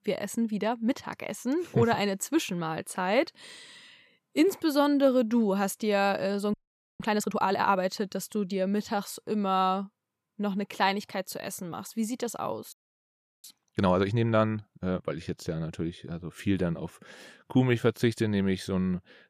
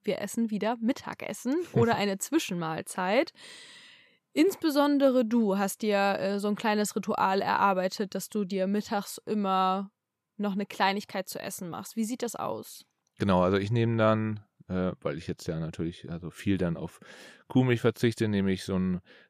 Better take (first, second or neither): second